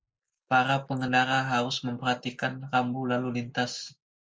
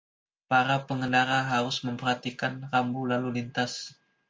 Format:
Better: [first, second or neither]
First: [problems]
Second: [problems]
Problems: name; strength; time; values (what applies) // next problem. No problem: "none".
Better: second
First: noise reduction (neural mask model Resemble Enhance denoiser)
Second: none